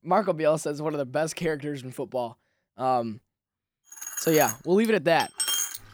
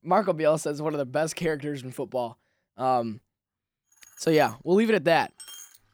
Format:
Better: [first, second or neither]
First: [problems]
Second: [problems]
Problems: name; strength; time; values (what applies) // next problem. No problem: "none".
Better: second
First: household noises; loud; from 4 s on; 3 dB below the speech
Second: household noises; faint; from 4 s on; 20 dB below the speech